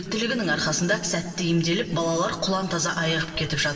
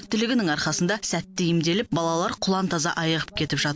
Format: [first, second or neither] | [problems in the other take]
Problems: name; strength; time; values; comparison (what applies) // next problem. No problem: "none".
second | room echo; dies away in 2.2 s